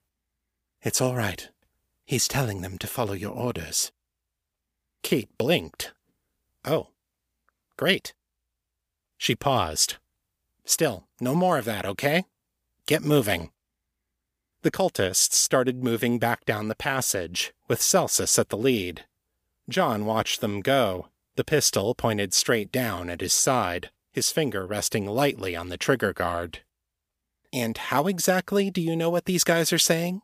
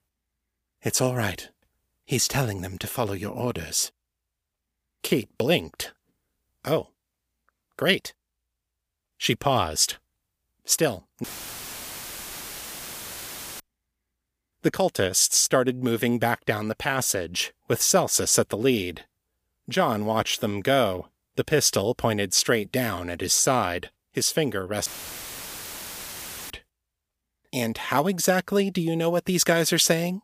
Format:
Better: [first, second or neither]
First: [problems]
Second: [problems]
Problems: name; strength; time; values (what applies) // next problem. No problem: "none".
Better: first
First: none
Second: audio cutting out; filled with static; at 11 s for 2.5 s and at 25 s for 1.5 s